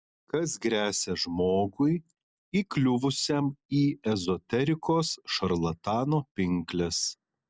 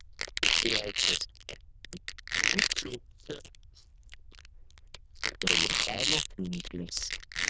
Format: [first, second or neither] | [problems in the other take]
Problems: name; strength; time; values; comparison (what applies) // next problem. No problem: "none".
first | noise reduction (neural diffusion model UNIVERSE++)